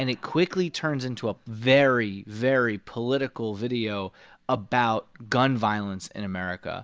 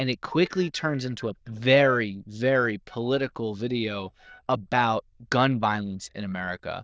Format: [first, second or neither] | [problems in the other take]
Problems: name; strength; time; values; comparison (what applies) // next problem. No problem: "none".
first | noise reduction (neural diffusion model UNIVERSE++)